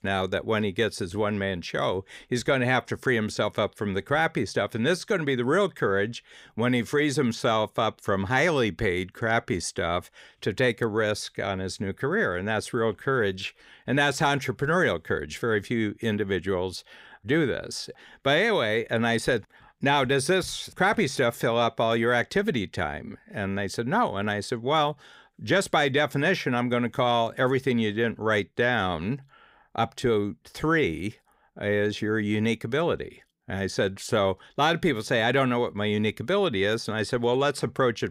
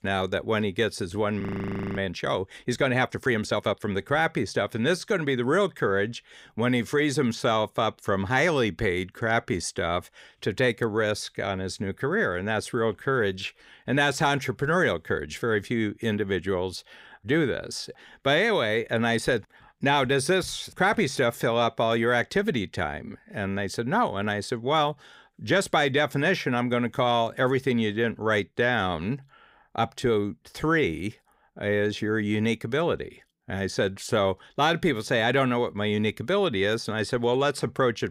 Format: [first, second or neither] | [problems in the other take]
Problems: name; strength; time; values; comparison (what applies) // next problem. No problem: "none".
first | audio freezing; at 1.5 s for 0.5 s